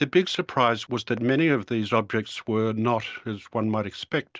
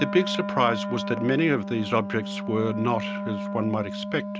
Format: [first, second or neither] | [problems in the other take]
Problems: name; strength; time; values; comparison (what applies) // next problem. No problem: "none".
first | background sound (Wind instrument, woodwind instrument); 5 dB below the speech